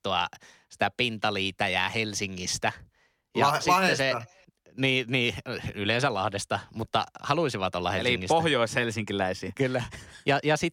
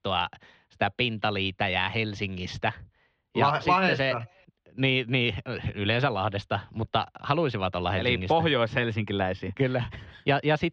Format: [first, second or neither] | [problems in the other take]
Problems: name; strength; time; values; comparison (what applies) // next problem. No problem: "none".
first | muffled; slightly; fading above 3.5 kHz